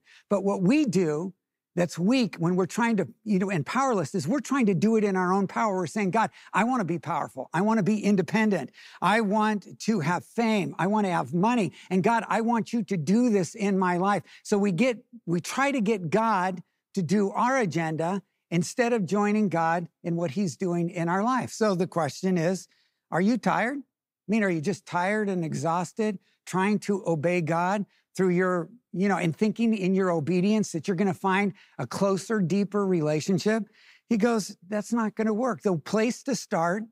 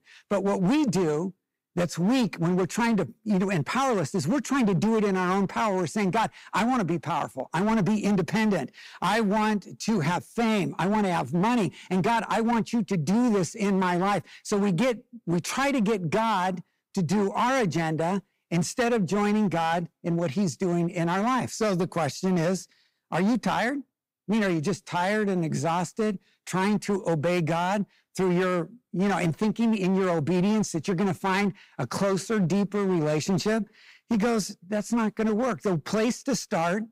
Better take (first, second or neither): first